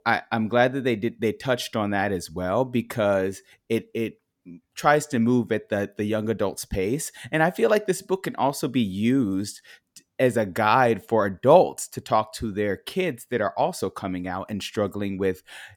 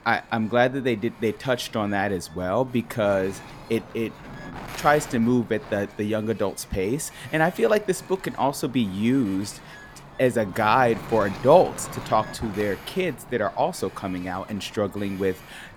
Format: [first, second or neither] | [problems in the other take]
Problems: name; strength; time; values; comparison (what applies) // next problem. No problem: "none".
first | wind noise on the microphone; occasional gusts; 15 dB below the speech